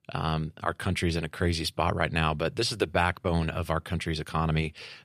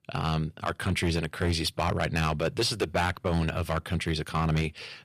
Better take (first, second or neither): first